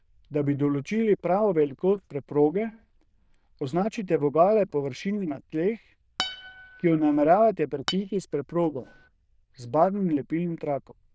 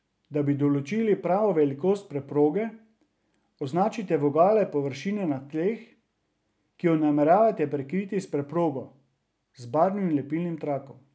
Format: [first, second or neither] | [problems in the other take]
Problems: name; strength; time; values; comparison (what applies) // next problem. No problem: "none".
second | noise reduction (neural diffusion model UNIVERSE++)